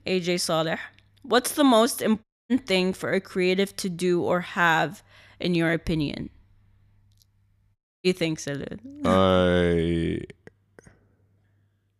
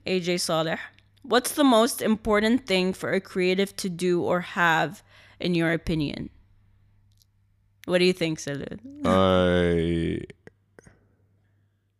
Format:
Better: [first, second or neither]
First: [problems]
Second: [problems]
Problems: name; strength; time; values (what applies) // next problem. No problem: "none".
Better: second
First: audio cutting out; at 2 s and at 8 s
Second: none